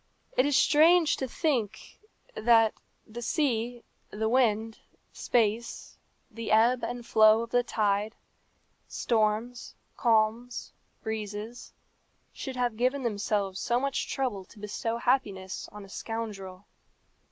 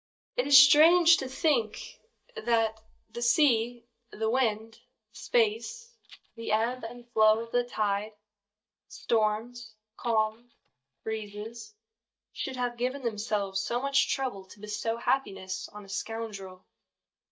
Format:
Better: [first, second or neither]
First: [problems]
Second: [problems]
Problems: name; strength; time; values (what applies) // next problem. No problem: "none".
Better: first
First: none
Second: noise reduction (neural mask model DeepFilterNet 3)